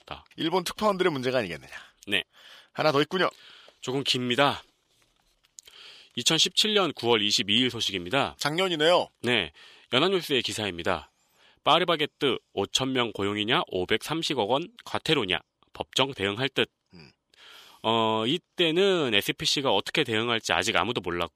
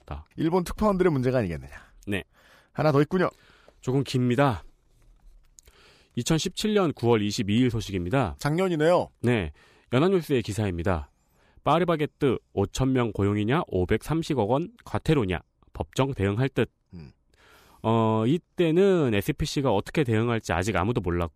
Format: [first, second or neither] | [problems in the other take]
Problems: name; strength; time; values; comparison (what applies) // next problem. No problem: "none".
second | thin; somewhat; fading below 500 Hz